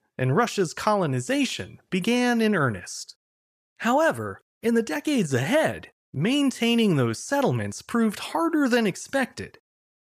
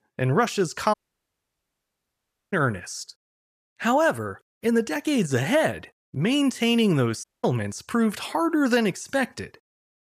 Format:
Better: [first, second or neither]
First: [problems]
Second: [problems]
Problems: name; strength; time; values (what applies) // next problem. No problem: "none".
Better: first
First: none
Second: audio cutting out; at 1 s for 1.5 s and at 7 s